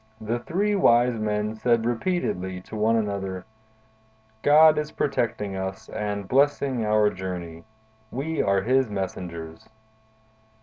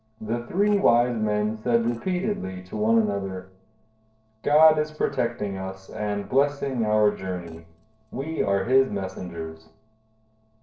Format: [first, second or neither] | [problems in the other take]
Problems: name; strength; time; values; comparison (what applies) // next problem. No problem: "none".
first | noise reduction (neural separator model SepFormer DNS4)